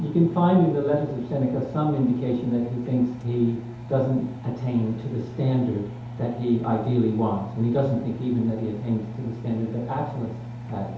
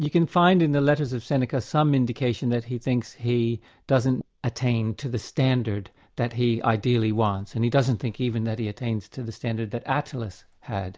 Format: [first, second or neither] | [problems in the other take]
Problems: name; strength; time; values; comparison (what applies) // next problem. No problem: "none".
second | background sound (Engine); 12 dB below the speech // room echo; dies away in 0.8 s